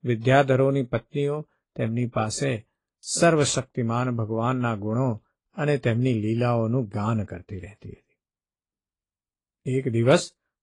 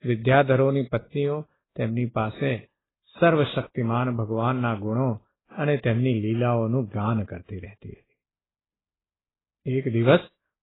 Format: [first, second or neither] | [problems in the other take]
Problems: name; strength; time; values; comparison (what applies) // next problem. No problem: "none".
first | garbled, watery; badly; nothing above 4 kHz; slightly in the first